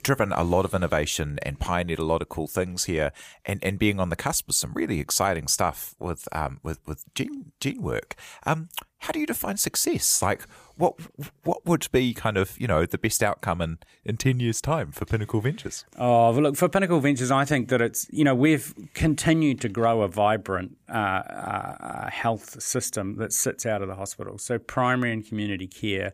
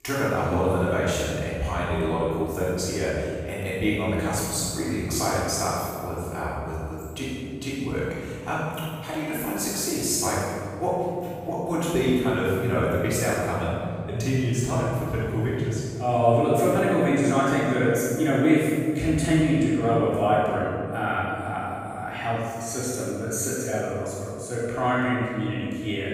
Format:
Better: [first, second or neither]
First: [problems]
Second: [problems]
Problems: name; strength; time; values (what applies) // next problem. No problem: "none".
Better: first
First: none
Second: room echo; strong; dies away in 2.4 s // off-mic speech; far